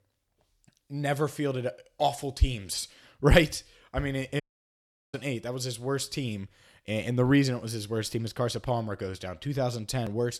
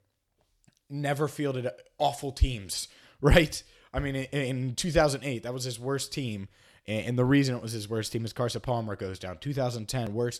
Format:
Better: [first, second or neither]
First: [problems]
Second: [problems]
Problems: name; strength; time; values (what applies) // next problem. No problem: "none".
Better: second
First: audio cutting out; at 4.5 s for 0.5 s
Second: none